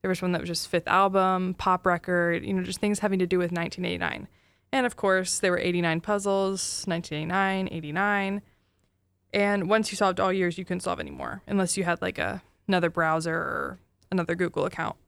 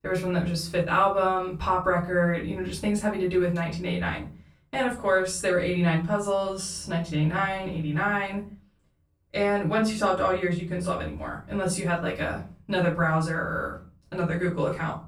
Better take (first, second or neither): first